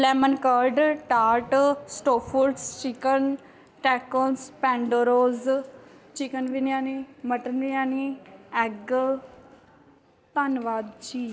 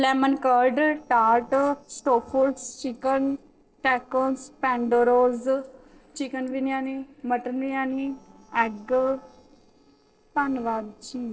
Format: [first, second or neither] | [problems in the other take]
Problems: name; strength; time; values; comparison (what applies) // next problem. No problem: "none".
first | noise reduction (neural separator model SepFormer DNS4)